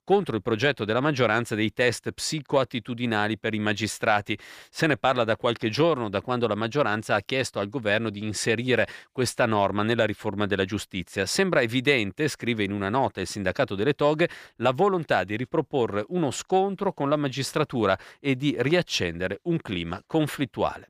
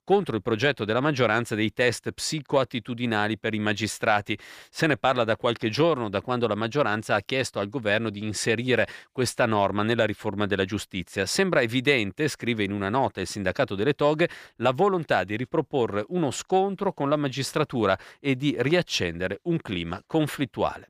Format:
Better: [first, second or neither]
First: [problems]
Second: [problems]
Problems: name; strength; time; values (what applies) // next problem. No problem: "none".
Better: neither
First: none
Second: none